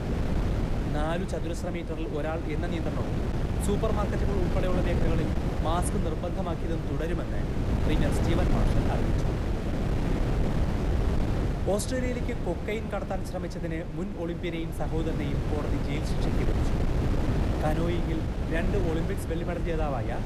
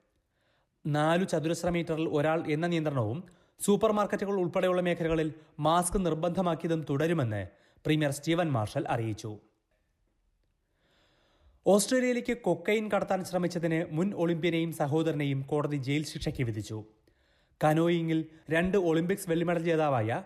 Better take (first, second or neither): second